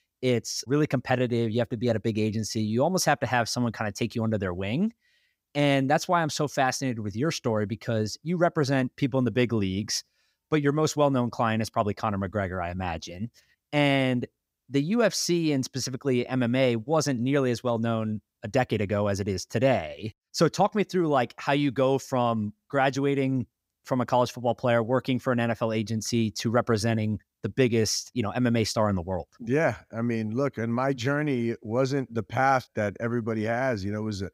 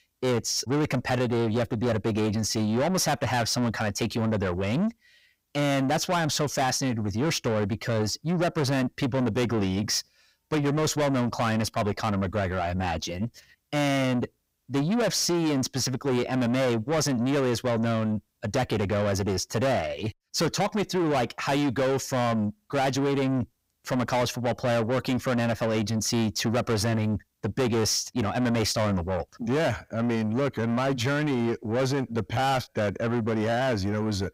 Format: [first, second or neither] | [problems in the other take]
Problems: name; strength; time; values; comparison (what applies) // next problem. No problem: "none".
first | distortion; heavy; 7 dB below the speech